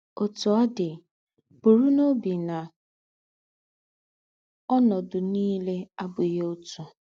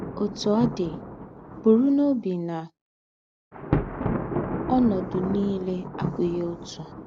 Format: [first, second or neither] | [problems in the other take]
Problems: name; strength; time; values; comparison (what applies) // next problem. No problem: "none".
first | background sound (Thunder); 6 dB below the speech